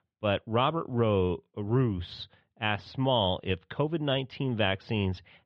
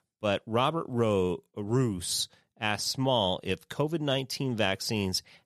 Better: second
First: muffled; very; fading above 3.5 kHz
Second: none

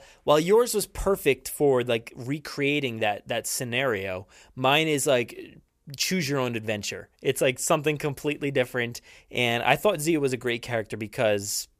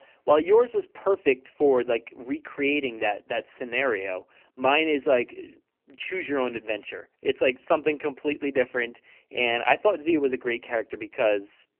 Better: first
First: none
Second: phone-call audio; poor line; nothing above 3 kHz

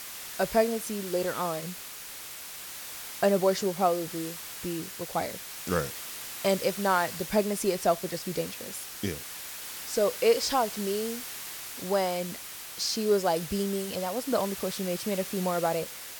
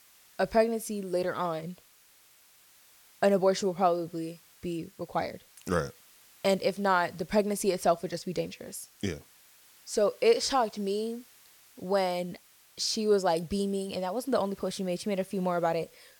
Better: second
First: hiss; loud; throughout; 8 dB below the speech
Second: hiss; faint; throughout; 25 dB below the speech

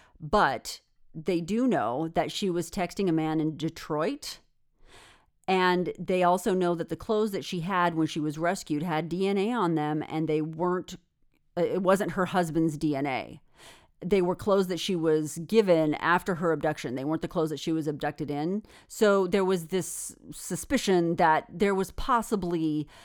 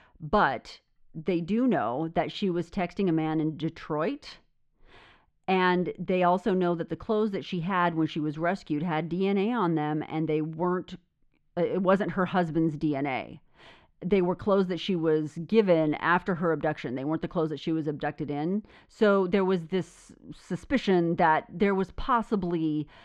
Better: first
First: none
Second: muffled; slightly; fading above 3 kHz

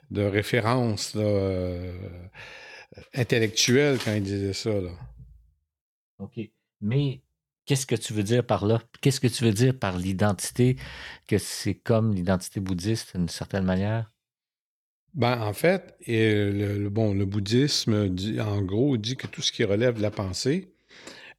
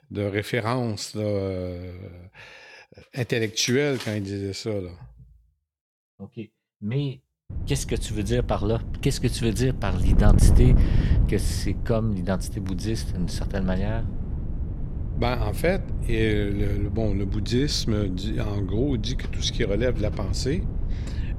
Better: first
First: none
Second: wind noise on the microphone; occasional gusts; from 7.5 s on; 10 dB below the speech

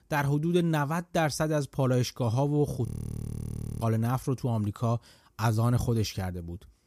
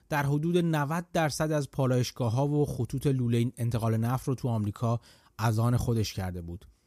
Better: second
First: audio freezing; at 3 s for 1 s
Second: none

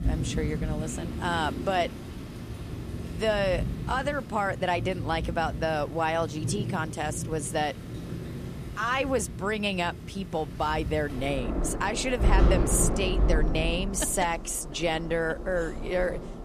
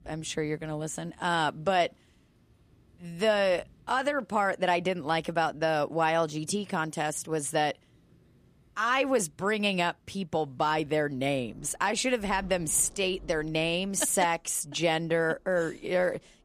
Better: second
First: rain or running water; loud; throughout; 4 dB below the speech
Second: rain or running water; faint; throughout; 30 dB below the speech

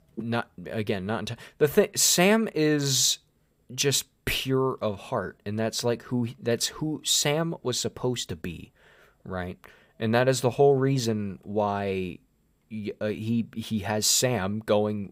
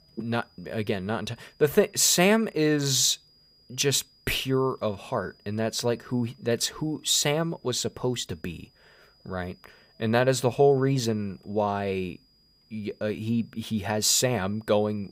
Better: first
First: none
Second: high-pitched whine; faint; throughout; 5 kHz, 35 dB below the speech

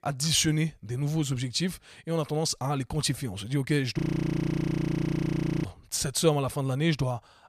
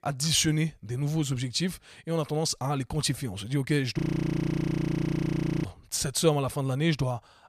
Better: neither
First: audio freezing; at 4 s for 1.5 s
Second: audio freezing; at 4 s for 1.5 s

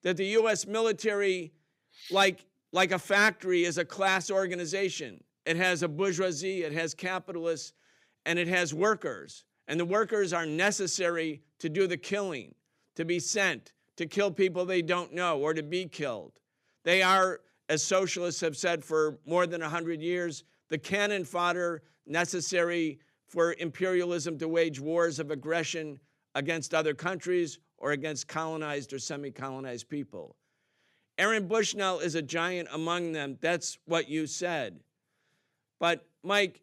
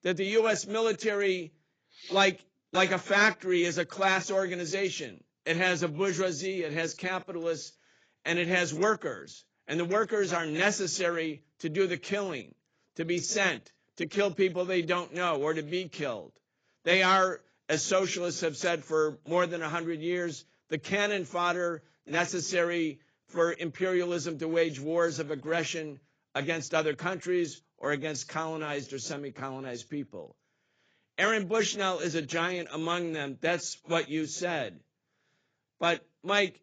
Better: first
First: none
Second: garbled, watery; badly; nothing above 7.5 kHz

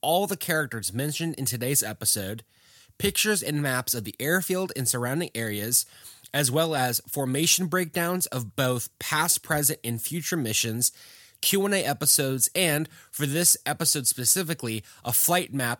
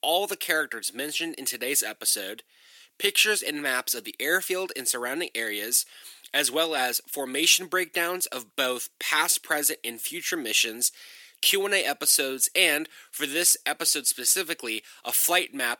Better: first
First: none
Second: thin; somewhat; fading below 300 Hz

